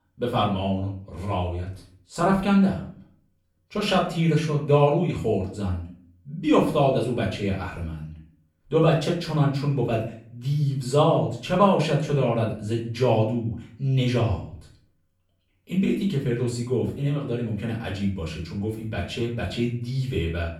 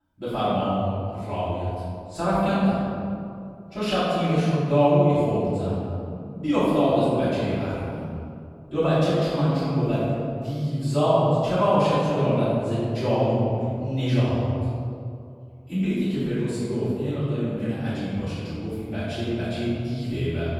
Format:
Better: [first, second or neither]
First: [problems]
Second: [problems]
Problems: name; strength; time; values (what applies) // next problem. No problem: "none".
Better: first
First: room echo; slight; dies away in 0.4 s // off-mic speech; far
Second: room echo; strong; dies away in 2.3 s // off-mic speech; far